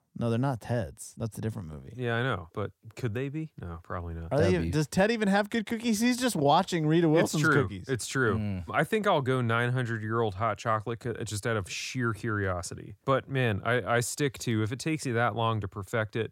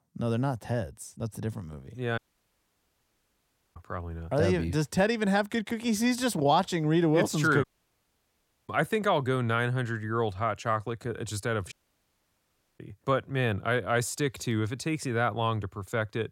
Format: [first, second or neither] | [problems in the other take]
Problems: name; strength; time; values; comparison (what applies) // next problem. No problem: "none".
first | audio cutting out; at 2 s for 1.5 s, at 7.5 s for 1 s and at 12 s for 1 s